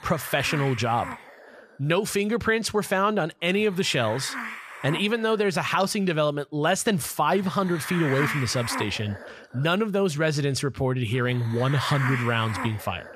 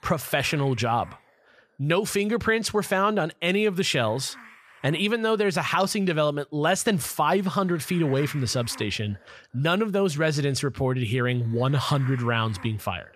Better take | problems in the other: second | hiss; loud; throughout; 9 dB below the speech; faint in the second

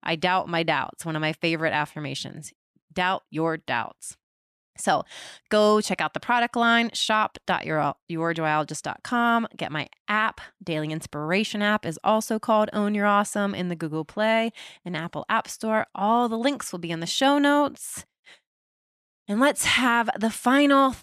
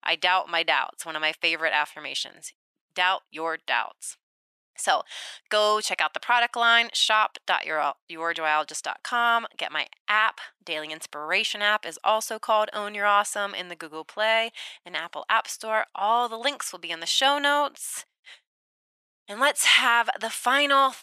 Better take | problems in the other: first | thin; very; fading below 700 Hz

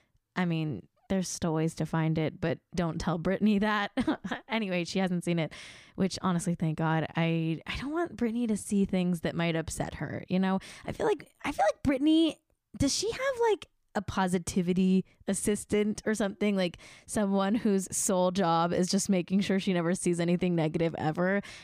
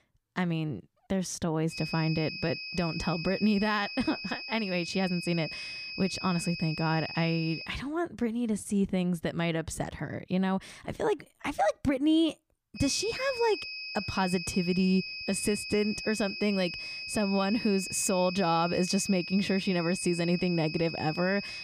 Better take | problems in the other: first | high-pitched whine; loud; from 1.5 to 7.5 s and from 13 s on; 2.5 kHz, 7 dB below the speech

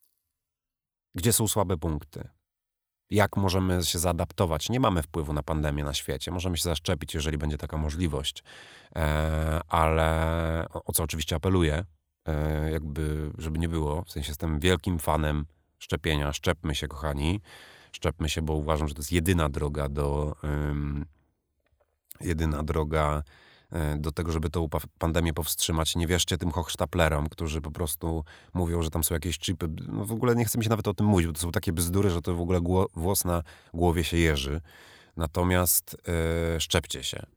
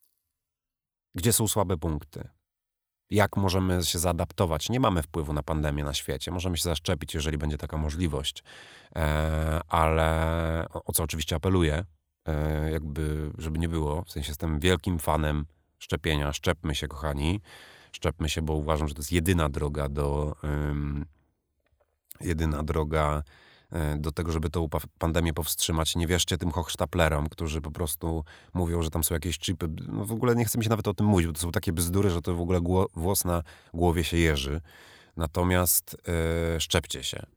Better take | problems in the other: neither | none

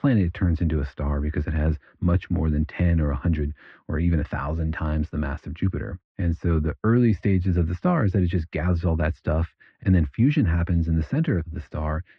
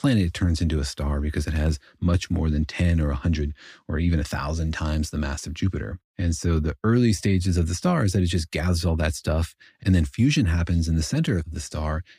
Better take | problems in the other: second | muffled; very; fading above 2 kHz

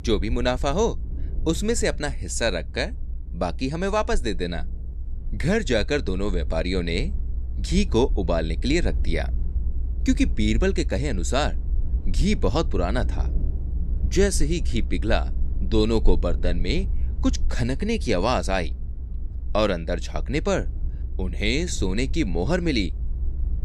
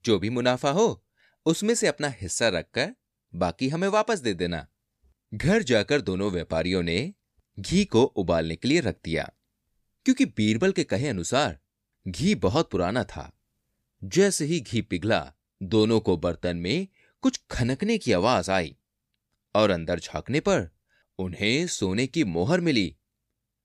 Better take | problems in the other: second | low rumble; faint; throughout; 20 dB below the speech

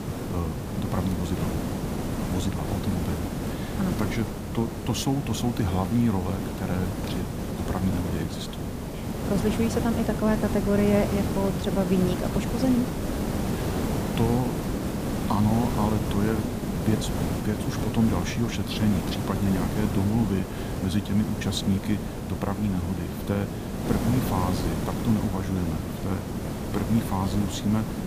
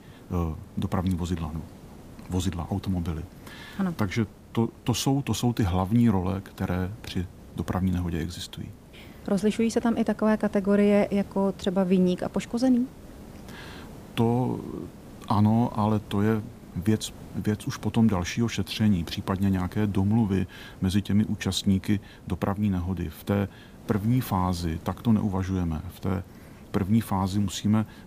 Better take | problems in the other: second | hiss; loud; throughout; 2 dB below the speech; faint in the second

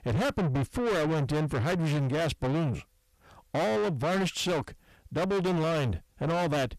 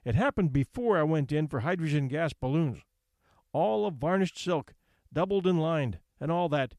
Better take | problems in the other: second | distortion; heavy; 6 dB below the speech

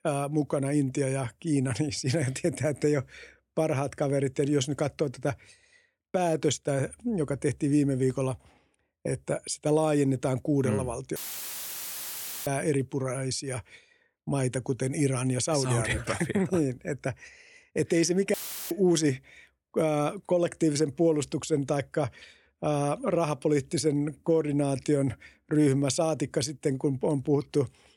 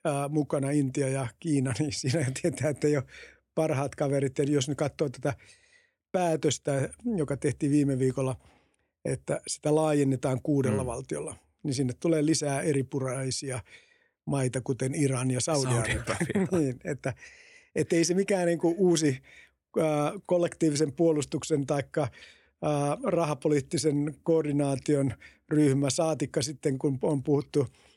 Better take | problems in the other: second | audio cutting out; filled with static; at 11 s for 1.5 s and at 18 s

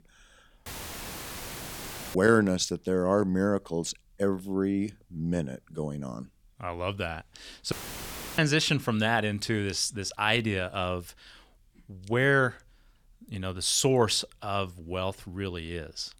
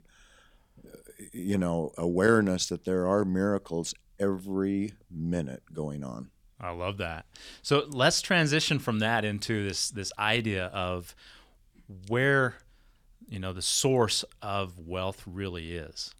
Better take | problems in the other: second | audio cutting out; filled with static; at 0.5 s for 1.5 s and at 7.5 s for 0.5 s

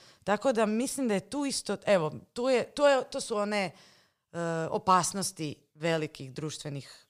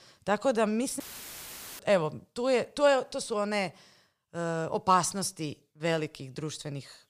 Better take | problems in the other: first | audio cutting out; filled with static; at 1 s for 1 s

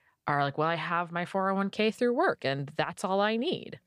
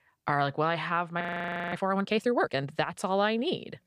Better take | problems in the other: first | audio freezing; at 1 s for 0.5 s

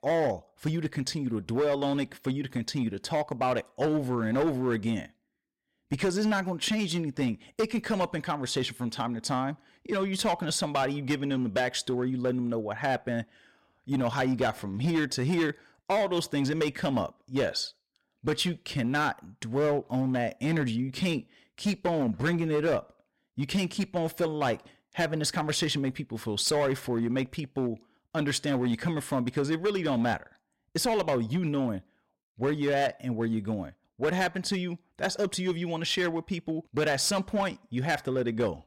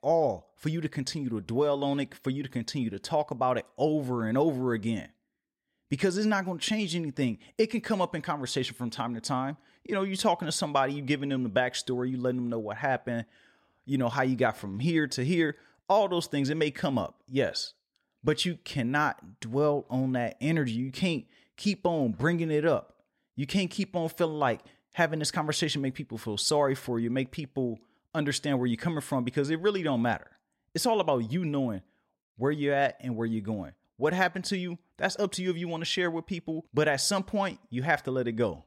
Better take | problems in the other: second | distortion; slight; 7% of the sound clipped

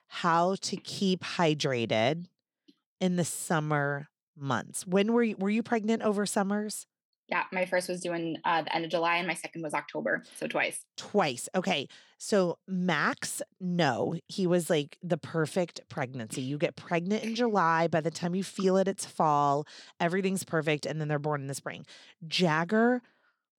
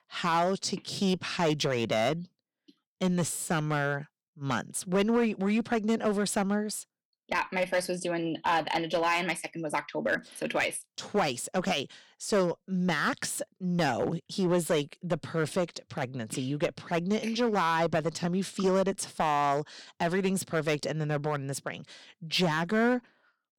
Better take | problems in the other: first | distortion; slight; 4% of the sound clipped

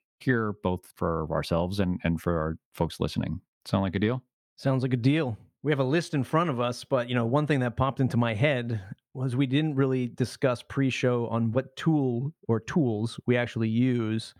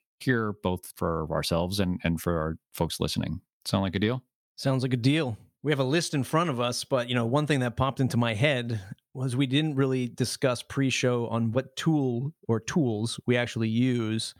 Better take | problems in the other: second | muffled; slightly; fading above 3 kHz

